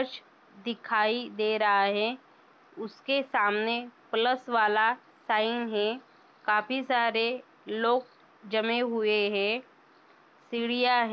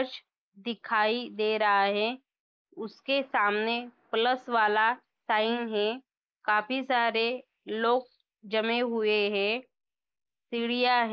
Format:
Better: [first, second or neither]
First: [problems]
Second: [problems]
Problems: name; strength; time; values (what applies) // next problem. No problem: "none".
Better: first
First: none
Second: noise reduction (neural mask model Resemble Enhance denoiser)